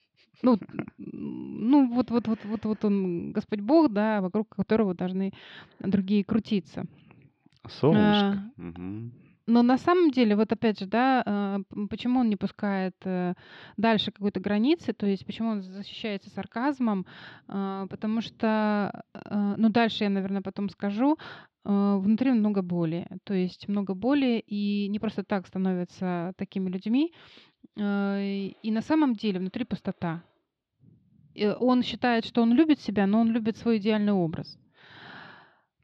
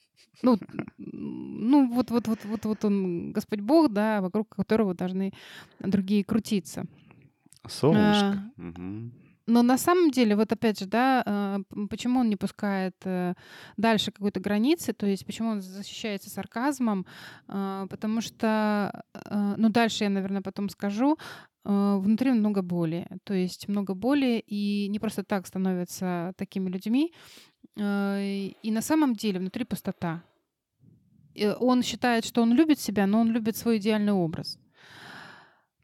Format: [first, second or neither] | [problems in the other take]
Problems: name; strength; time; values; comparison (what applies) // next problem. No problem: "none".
second | muffled; very slightly; fading above 4 kHz